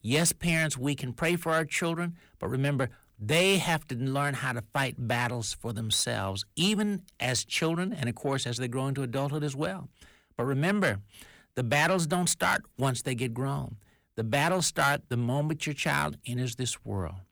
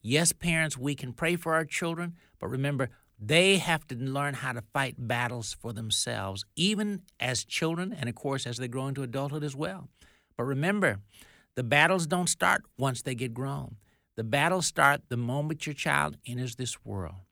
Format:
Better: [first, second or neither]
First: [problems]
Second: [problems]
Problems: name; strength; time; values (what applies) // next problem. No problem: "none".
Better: second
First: distortion; slight; 10 dB below the speech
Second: none